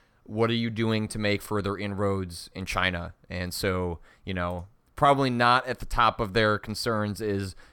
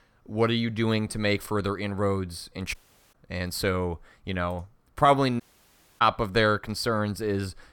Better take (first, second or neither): first